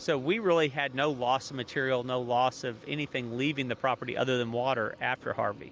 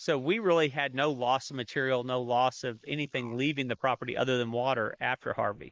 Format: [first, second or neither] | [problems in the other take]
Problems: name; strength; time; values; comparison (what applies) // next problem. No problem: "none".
first | noise reduction (neural mask model Resemble Enhance denoiser)